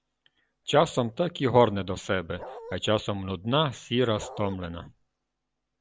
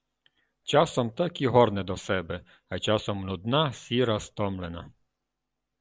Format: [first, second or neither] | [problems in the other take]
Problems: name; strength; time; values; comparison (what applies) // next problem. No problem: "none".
second | background sound (Bark); 13 dB below the speech